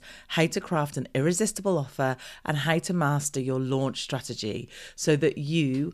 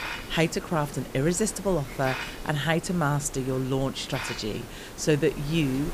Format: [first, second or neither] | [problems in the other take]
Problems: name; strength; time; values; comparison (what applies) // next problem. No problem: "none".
first | hiss; noticeable; throughout; 10 dB below the speech